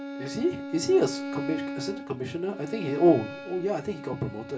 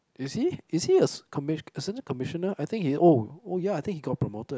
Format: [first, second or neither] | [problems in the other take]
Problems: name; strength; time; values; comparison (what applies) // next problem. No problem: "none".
second | background sound (Bowed string instrument); 9 dB below the speech // room echo; dies away in 0.2 s